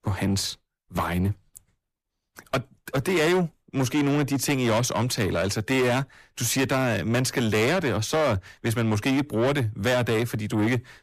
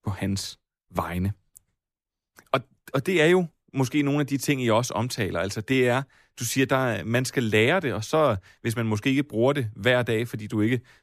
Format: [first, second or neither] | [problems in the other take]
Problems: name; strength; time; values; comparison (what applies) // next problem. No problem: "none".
second | distortion; heavy; 8 dB below the speech